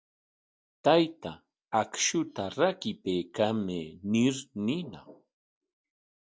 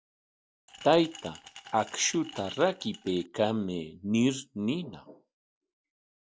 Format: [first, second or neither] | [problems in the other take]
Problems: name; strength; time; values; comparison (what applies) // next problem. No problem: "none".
first | background sound (Glass); 17 dB below the speech